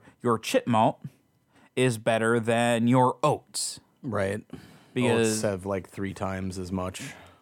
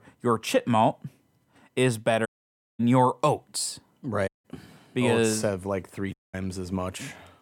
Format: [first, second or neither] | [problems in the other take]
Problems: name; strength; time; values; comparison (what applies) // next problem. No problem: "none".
first | audio cutting out; at 2.5 s for 0.5 s, at 4.5 s and at 6 s